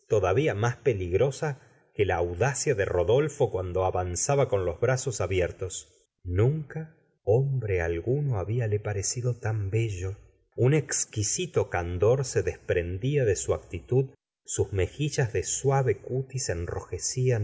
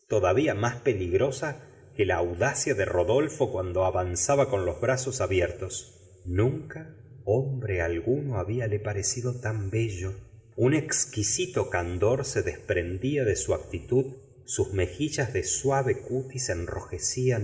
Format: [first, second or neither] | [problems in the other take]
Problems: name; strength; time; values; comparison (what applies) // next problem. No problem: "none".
first | room echo; dies away in 1.6 s